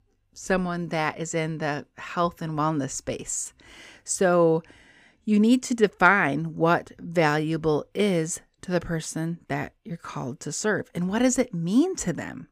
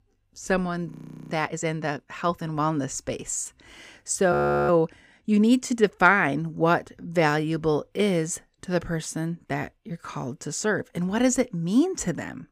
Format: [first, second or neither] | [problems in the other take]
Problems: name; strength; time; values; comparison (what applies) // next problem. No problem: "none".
first | audio freezing; at 1 s and at 4.5 s